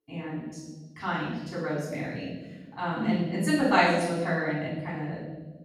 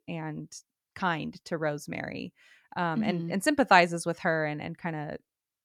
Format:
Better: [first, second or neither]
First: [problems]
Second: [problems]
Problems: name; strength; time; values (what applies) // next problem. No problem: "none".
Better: second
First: off-mic speech; far // room echo; strong; dies away in 1.2 s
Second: none